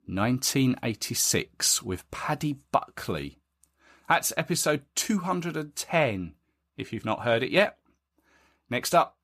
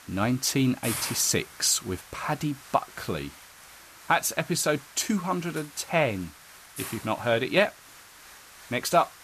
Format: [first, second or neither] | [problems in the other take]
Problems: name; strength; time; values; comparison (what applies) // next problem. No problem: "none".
first | hiss; noticeable; throughout; 15 dB below the speech